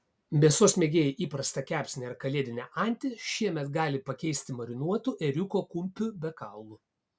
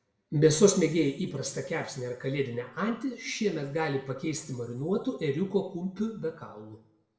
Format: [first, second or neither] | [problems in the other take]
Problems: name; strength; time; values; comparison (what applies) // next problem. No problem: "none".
first | room echo; dies away in 0.7 s